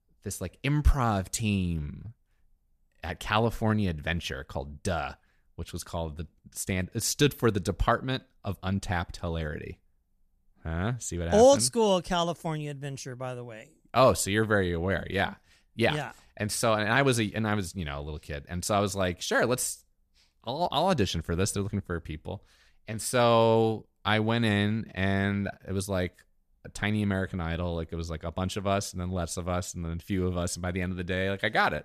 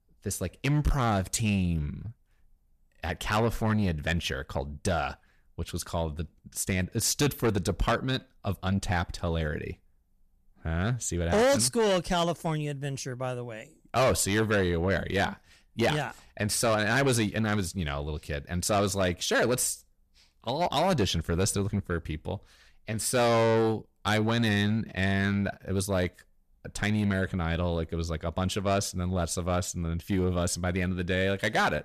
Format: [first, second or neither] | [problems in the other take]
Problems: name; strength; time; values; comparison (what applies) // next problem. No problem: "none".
first | distortion; heavy; 8 dB below the speech